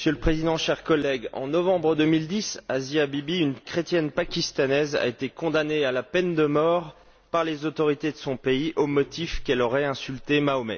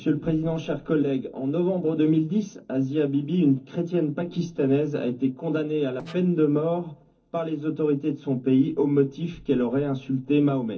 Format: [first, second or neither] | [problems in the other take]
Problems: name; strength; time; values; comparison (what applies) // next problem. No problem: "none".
first | noise reduction (neural separator model SepFormer DNS4)